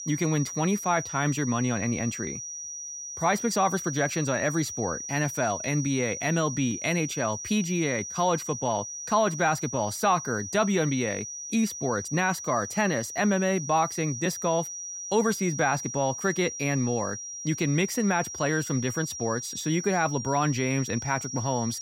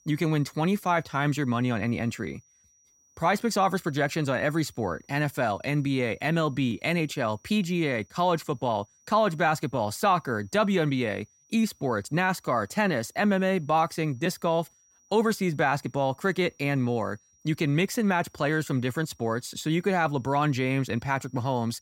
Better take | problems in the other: second | high-pitched whine; loud; throughout; 6 kHz, 7 dB below the speech; faint in the second

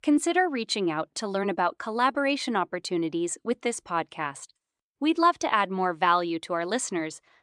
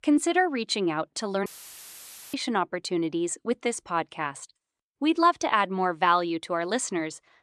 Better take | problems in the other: first | audio cutting out; filled with static; at 1.5 s for 1 s

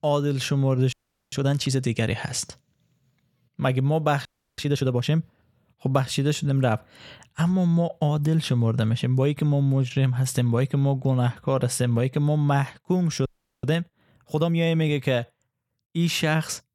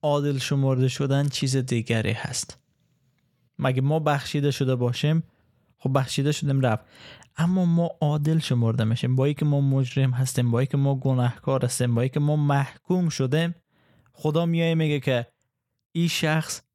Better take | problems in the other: second | audio freezing; at 1 s, at 4.5 s and at 13 s

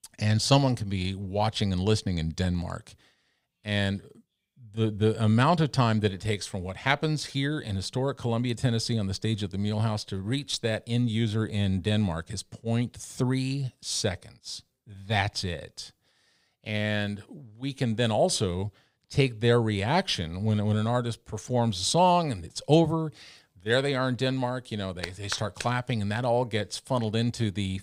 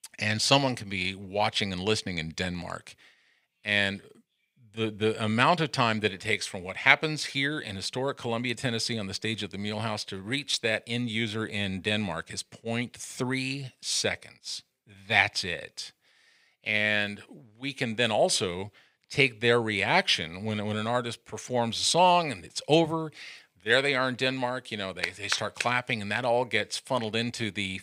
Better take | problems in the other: first | thin; very slightly; fading below 350 Hz

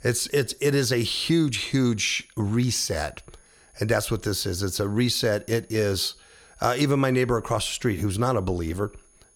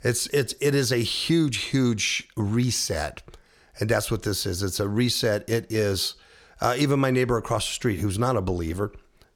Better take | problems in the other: second | high-pitched whine; faint; throughout; 10 kHz, 30 dB below the speech

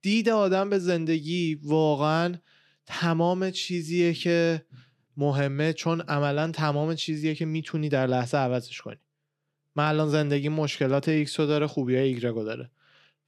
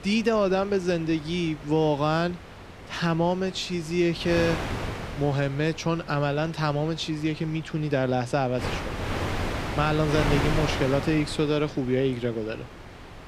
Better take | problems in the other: first | wind noise on the microphone; heavy; 8 dB below the speech

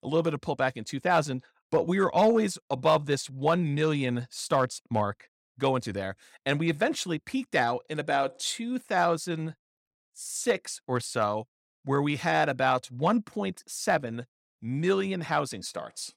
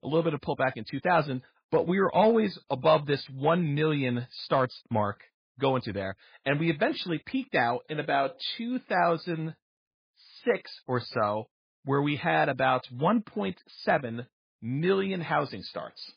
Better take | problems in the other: first | garbled, watery; badly

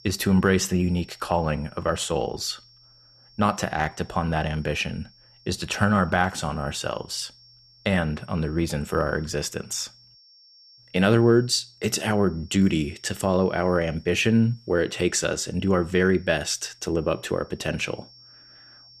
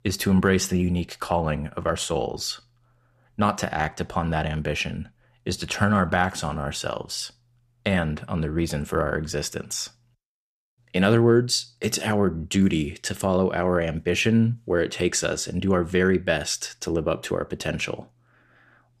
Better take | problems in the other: second | high-pitched whine; faint; throughout; 5.5 kHz, 25 dB below the speech

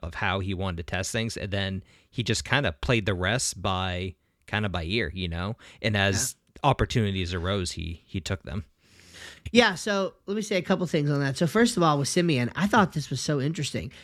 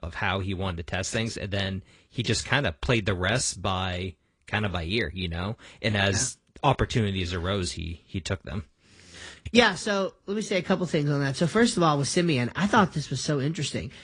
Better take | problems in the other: first | garbled, watery; slightly; nothing above 8 kHz

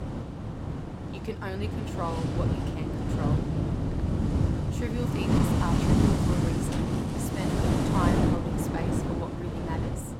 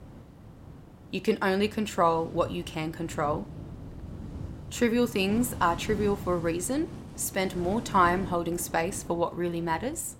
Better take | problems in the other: second | wind noise on the microphone; heavy; 4 dB above the speech; occasional gusts in the second

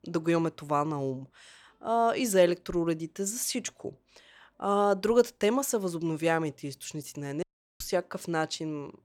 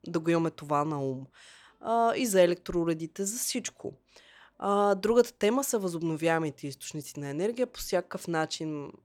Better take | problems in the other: second | audio cutting out; at 7.5 s

